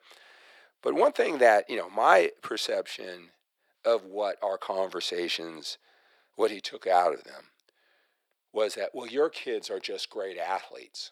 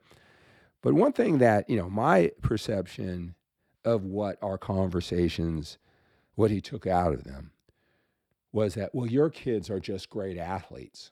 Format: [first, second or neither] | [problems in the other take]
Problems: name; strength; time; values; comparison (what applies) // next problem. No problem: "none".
second | thin; very; fading below 500 Hz